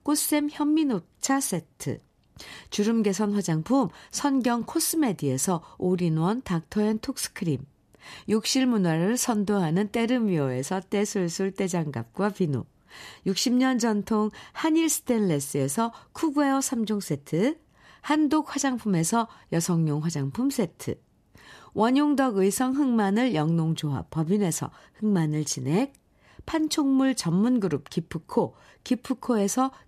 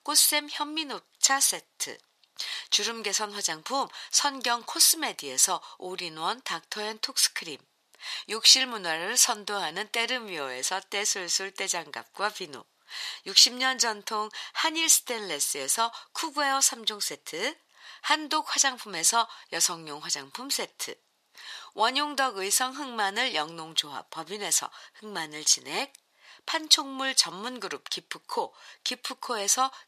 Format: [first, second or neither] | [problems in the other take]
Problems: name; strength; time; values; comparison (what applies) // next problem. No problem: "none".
first | thin; very; fading below 900 Hz